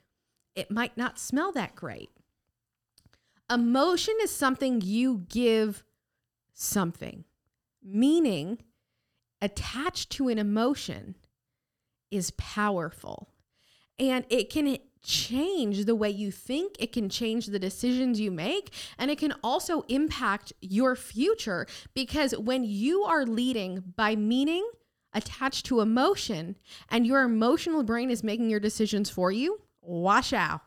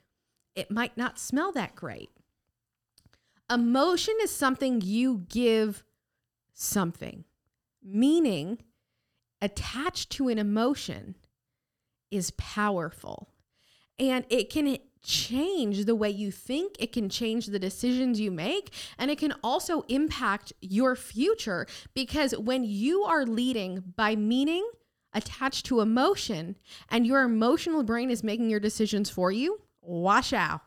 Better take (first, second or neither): neither